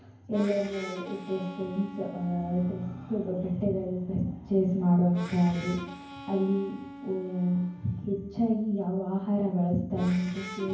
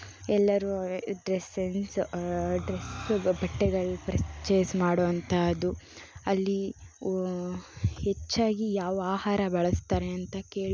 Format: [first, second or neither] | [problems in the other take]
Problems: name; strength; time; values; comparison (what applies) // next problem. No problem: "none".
second | background sound (Harmonica); 17 dB below the speech // room echo; dies away in 0.9 s